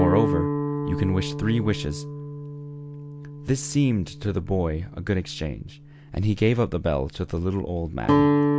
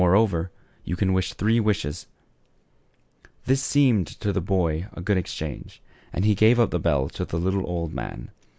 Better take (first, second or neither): second